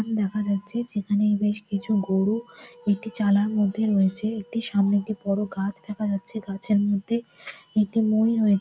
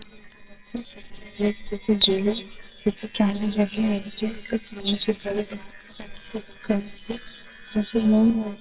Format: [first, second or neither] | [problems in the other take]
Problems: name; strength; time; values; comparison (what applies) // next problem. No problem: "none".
first | noise reduction (neural separator model SepFormer WHAMR!)